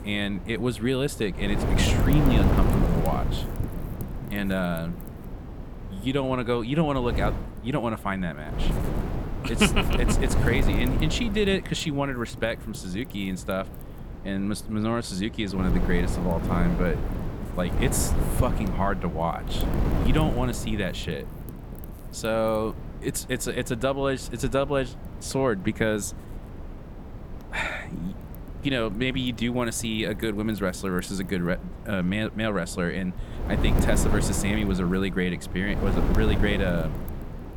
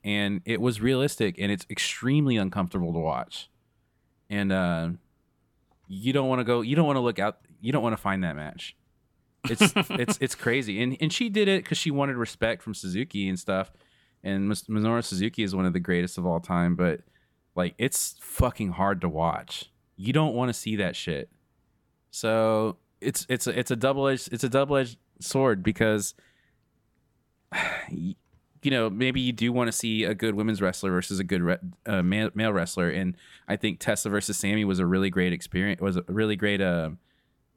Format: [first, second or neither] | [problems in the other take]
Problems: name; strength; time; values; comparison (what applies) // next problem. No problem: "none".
second | wind noise on the microphone; heavy; 8 dB below the speech